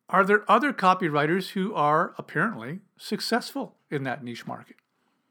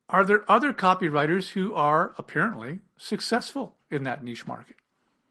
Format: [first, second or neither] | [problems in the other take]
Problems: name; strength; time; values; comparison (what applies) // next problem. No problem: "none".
first | garbled, watery; slightly; nothing above 11.5 kHz